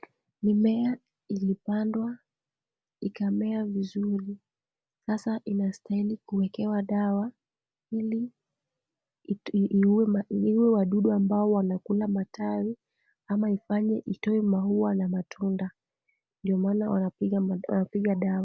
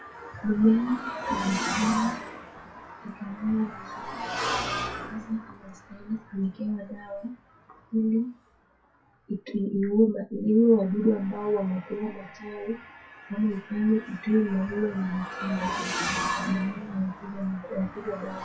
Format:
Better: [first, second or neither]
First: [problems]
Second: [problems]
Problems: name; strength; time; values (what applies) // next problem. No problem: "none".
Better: first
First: none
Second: noise reduction (classical method WPE with log-MMSE)